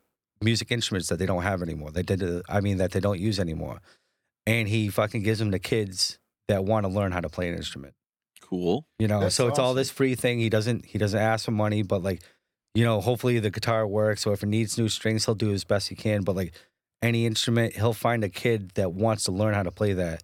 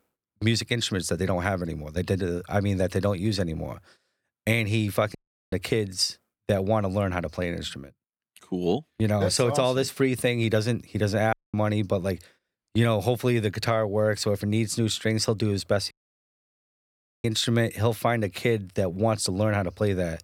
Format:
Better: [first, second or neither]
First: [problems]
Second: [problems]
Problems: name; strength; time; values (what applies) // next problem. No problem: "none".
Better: first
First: none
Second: audio cutting out; at 5 s, at 11 s and at 16 s for 1.5 s